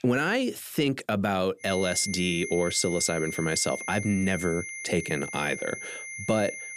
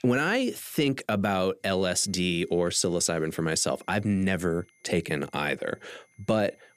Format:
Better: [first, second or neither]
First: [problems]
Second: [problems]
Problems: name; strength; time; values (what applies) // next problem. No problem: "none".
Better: second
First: high-pitched whine; loud; from 1.5 s on; 2 kHz, 8 dB below the speech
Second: high-pitched whine; faint; from 1.5 s on; 2 kHz, 35 dB below the speech